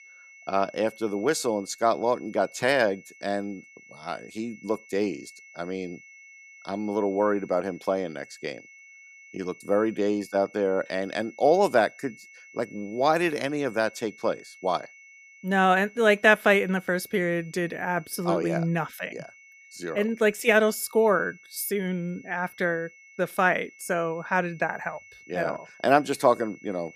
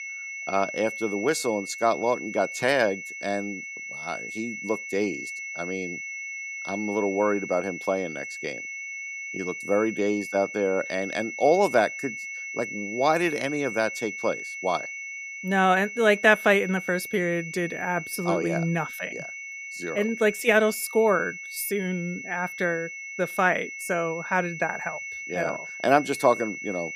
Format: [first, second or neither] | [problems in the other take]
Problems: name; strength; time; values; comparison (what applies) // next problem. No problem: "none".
first | high-pitched whine; loud; throughout; 2 kHz, 8 dB below the speech; faint in the first